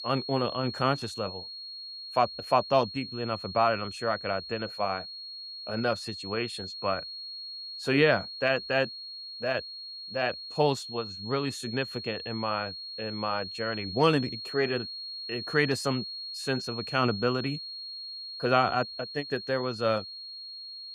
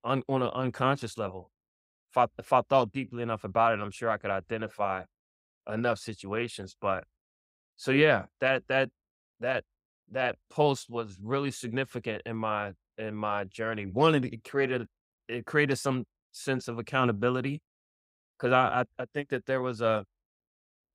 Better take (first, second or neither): second